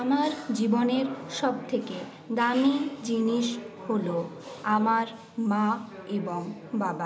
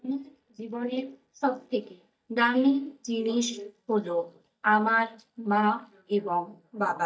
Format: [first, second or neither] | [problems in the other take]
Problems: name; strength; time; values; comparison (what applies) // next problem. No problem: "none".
first | noise reduction (neural mask model DeepFilterNet 3)